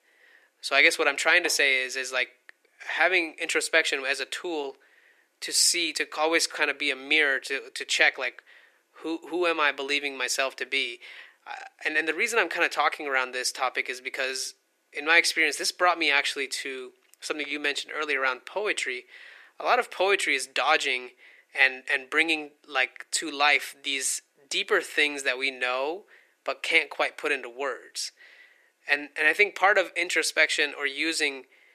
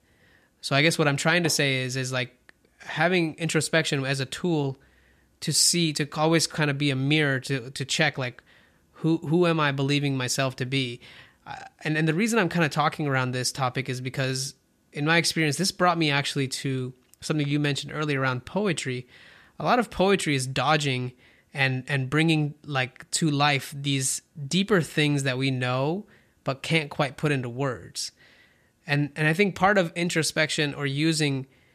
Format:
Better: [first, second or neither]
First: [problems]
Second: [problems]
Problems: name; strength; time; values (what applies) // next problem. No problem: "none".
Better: second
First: thin; very; fading below 350 Hz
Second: none